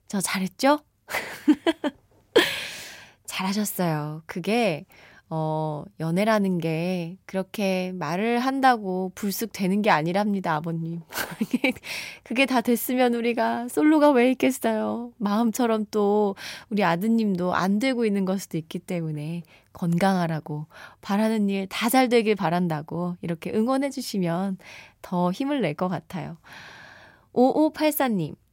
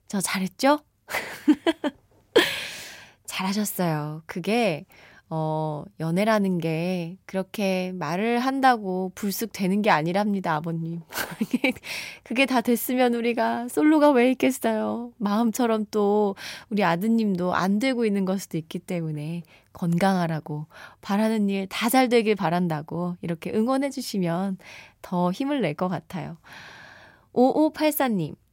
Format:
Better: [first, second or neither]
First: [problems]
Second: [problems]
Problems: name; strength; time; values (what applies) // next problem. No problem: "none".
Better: neither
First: none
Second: none